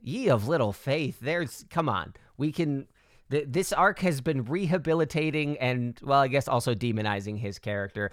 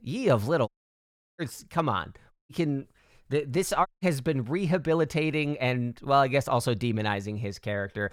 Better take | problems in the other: first | audio cutting out; at 0.5 s for 0.5 s, at 2.5 s and at 4 s

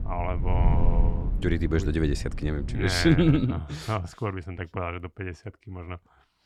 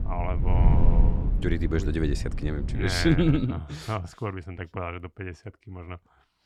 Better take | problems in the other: first | wind noise on the microphone; heavy; until 3.5 s; 9 dB below the speech; occasional gusts in the first

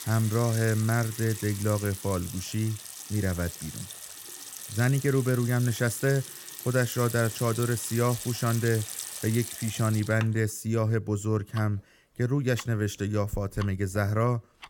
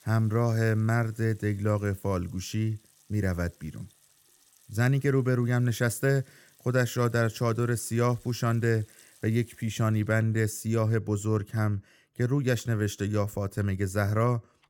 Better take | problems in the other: second | household noises; loud; throughout; 10 dB below the speech; faint in the second

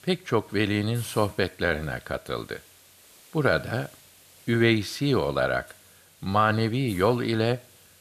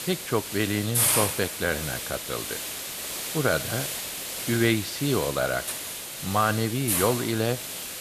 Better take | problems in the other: first | hiss; loud; throughout; 2 dB below the speech; faint in the first

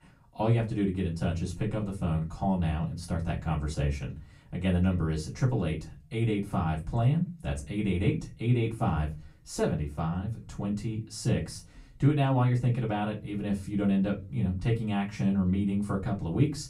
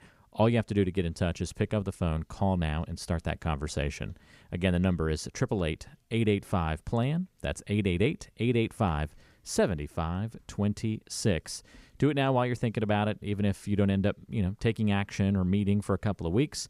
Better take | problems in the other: second | off-mic speech; far // room echo; very slight; dies away in 0.3 s

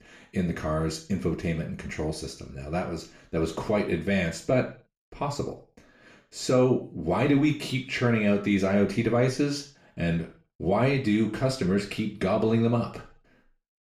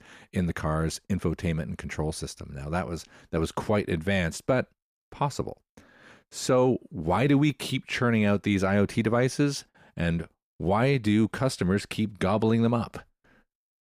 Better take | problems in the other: second | room echo; slight; dies away in 0.4 s // off-mic speech; far

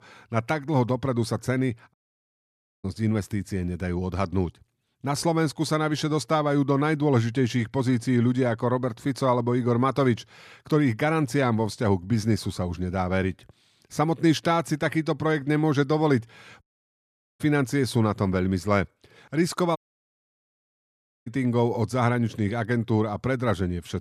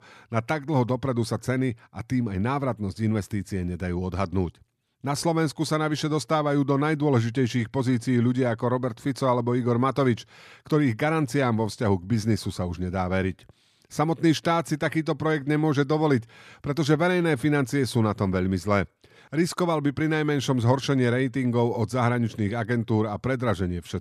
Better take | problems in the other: second | audio cutting out; at 2 s for 1 s, at 17 s for 1 s and at 20 s for 1.5 s

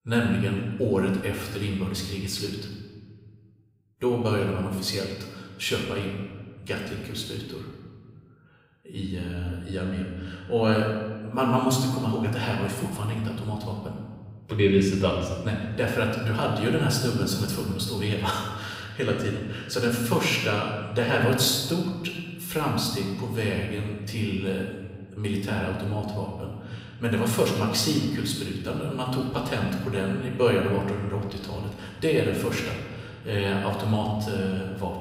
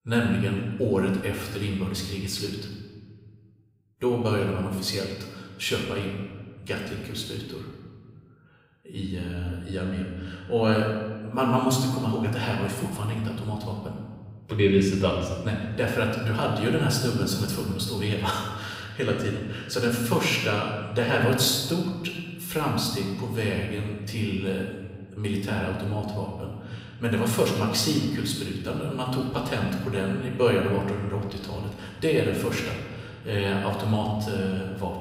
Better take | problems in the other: neither | off-mic speech; somewhat distant; the same in both // room echo; noticeable; dies away in 1.3 s; the same in both

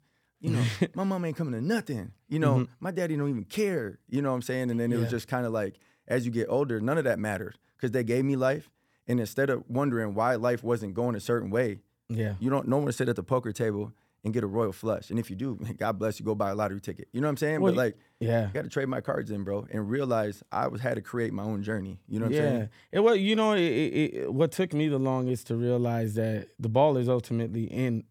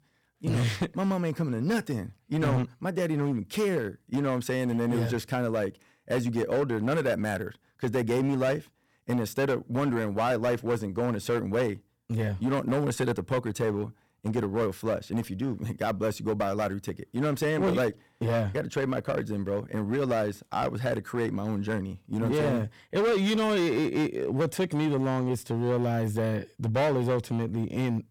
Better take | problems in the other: first | distortion; slight; 11% of the sound clipped

